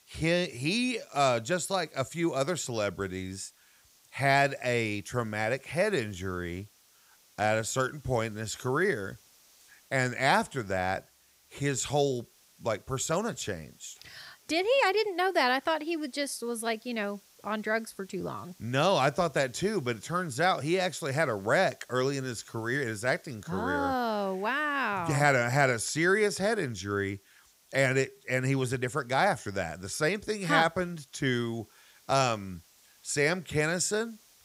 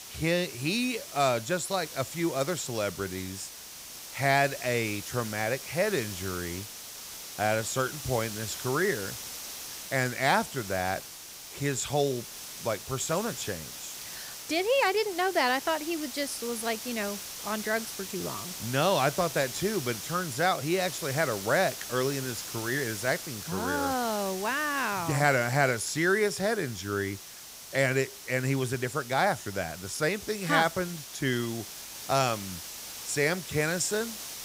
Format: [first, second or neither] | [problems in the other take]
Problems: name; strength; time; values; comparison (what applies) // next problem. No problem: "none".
first | hiss; loud; throughout; 9 dB below the speech; faint in the first